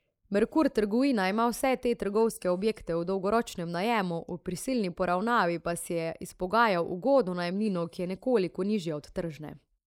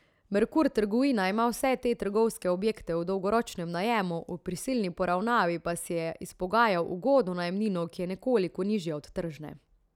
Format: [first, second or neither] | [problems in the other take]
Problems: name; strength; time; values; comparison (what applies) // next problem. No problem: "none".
second | noise reduction (neural mask model Resemble Enhance denoiser)